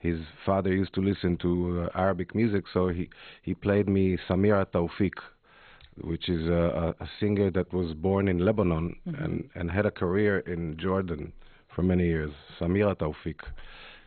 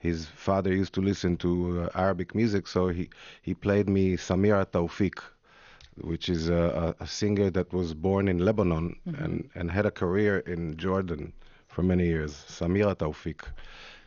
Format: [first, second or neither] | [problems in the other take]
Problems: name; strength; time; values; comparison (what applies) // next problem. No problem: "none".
second | garbled, watery; badly; nothing above 4 kHz; slightly in the second